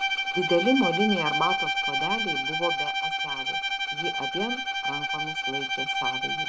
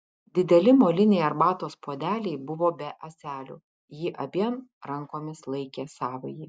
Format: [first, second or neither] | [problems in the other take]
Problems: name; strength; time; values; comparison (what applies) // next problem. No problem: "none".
second | background sound (Bowed string instrument); 2 dB above the speech